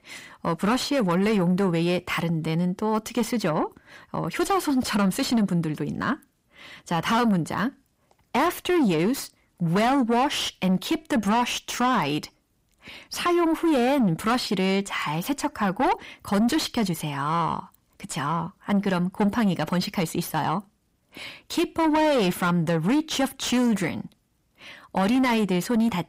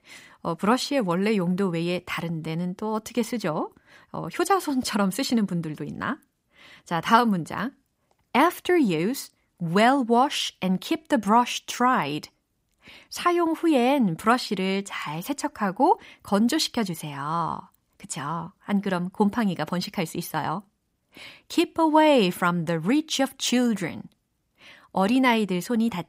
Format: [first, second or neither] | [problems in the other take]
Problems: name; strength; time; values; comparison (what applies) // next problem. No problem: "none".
second | distortion; heavy; 8 dB below the speech